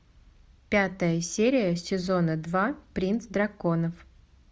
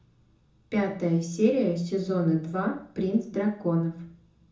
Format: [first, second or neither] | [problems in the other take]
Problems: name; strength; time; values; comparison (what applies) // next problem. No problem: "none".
first | room echo; dies away in 0.6 s